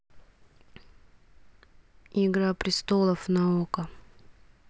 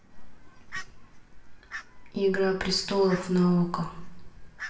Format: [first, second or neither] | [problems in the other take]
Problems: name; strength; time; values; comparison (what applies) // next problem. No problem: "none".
first | background sound (Fowl); 18 dB below the speech // room echo; dies away in 0.9 s